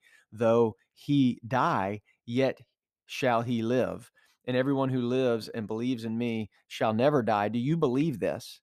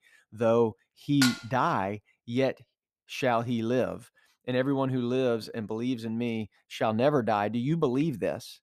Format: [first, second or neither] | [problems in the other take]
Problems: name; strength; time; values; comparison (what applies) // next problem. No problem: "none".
first | clattering dishes; noticeable; at 1 s; peak 1 dB below the speech